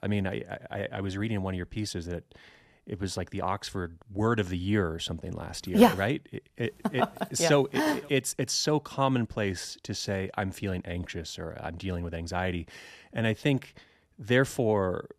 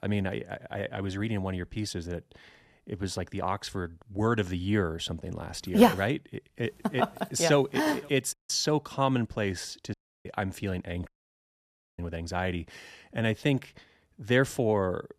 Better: first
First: none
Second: audio cutting out; at 8.5 s, at 10 s and at 11 s for 1 s

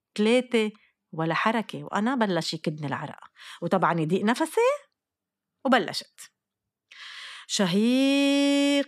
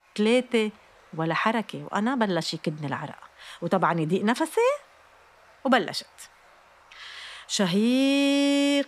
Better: first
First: none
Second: rain or running water; faint; throughout; 30 dB below the speech

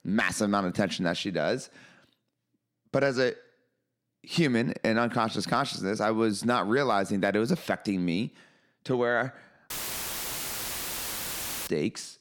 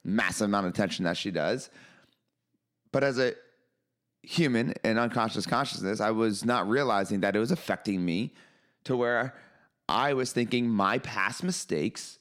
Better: second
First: audio cutting out; filled with static; at 9.5 s for 2 s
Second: none

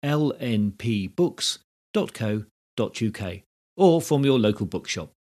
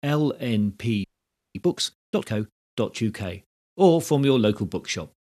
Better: first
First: none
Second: audio freezing; at 1 s for 0.5 s

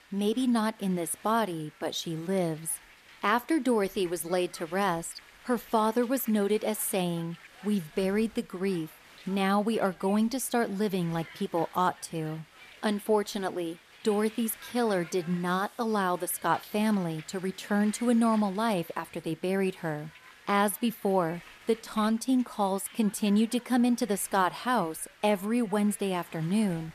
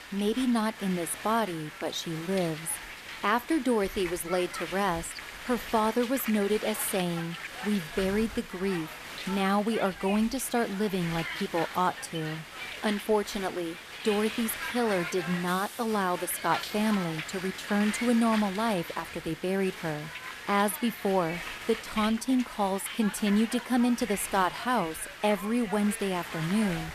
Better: first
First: hiss; faint; throughout; 20 dB below the speech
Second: hiss; loud; throughout; 9 dB below the speech

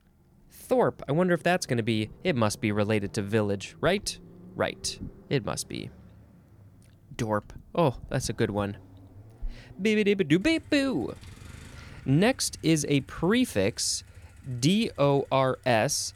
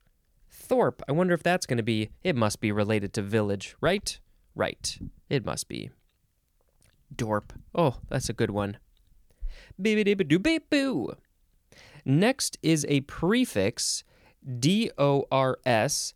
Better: second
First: traffic noise; faint; throughout; 25 dB below the speech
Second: none

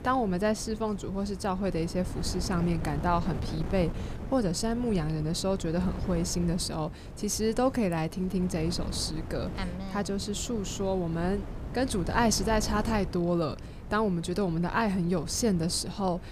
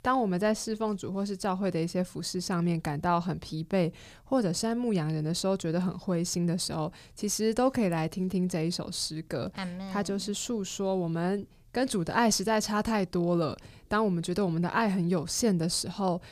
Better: second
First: wind noise on the microphone; occasional gusts; 15 dB below the speech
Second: none

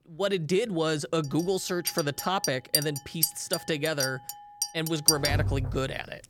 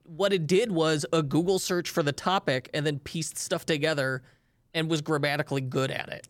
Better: second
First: household noises; very loud; from 2 s on; 1 dB above the speech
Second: none

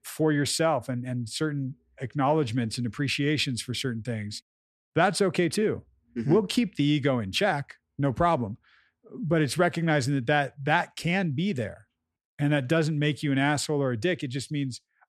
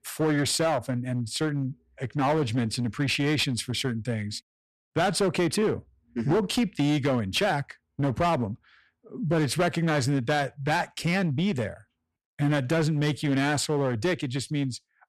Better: first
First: none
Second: distortion; slight; 10% of the sound clipped

